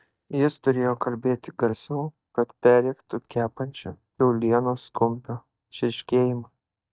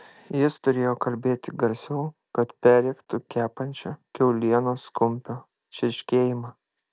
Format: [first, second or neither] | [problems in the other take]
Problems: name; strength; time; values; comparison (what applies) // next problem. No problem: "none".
second | noise reduction (neural mask model DeepFilterNet 3)